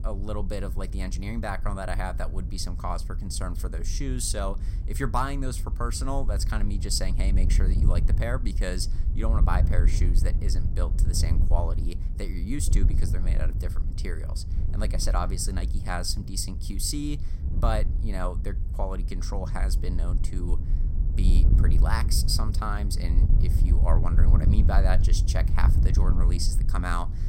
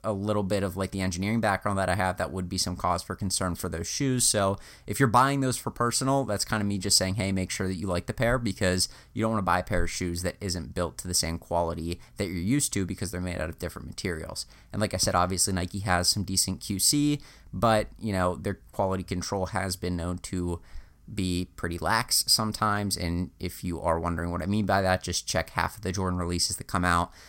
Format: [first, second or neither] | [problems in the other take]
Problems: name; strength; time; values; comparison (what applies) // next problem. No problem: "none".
second | wind noise on the microphone; occasional gusts; 10 dB below the speech